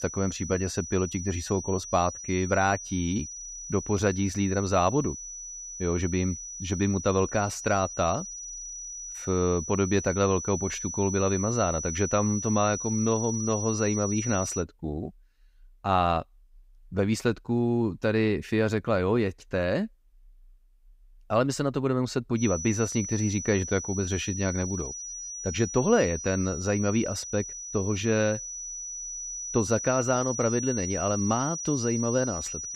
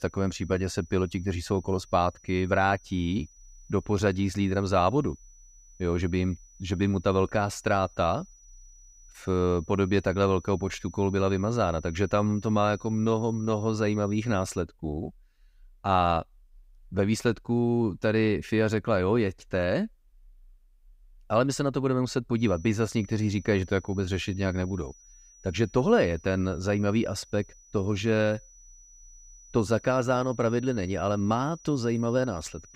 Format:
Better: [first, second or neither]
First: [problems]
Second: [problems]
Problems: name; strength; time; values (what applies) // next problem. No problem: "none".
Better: second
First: high-pitched whine; loud; until 15 s and from 22 s on; 6 kHz, 7 dB below the speech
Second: high-pitched whine; faint; until 15 s and from 22 s on; 6 kHz, 25 dB below the speech